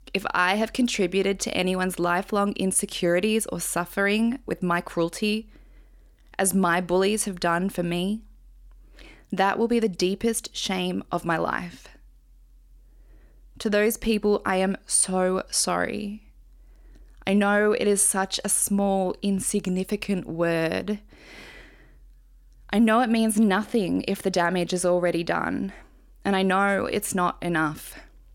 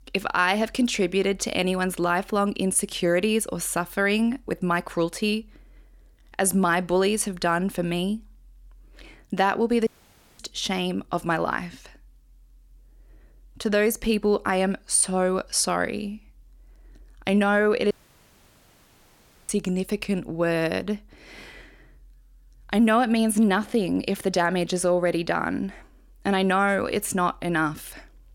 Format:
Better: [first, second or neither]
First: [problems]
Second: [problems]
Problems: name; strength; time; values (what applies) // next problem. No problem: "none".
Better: first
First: none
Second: audio cutting out; at 10 s for 0.5 s and at 18 s for 1.5 s